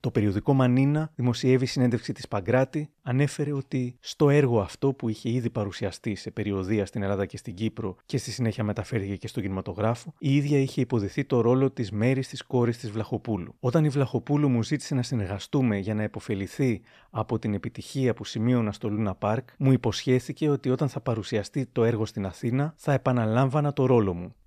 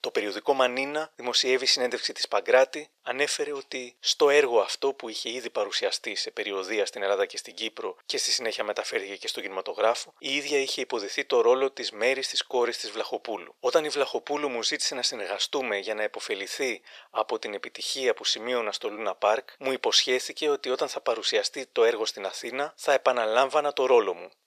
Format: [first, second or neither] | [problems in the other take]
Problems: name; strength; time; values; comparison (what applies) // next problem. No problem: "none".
first | thin; very; fading below 500 Hz